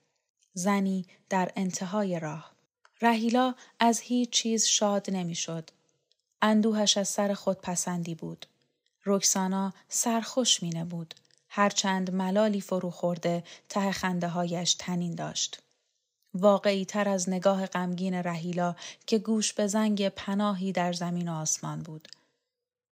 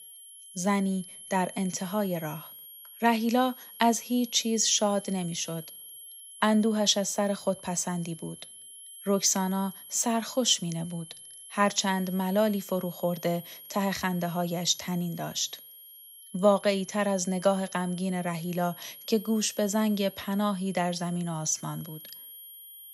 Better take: first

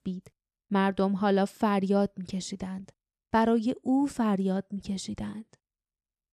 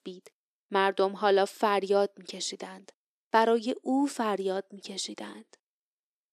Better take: first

